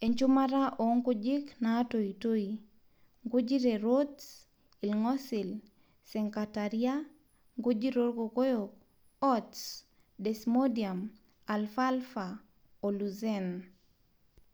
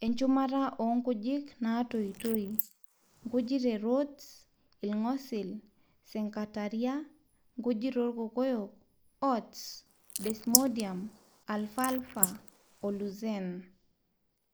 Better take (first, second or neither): first